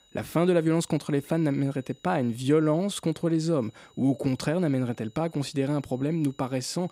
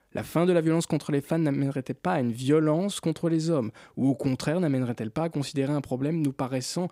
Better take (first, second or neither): second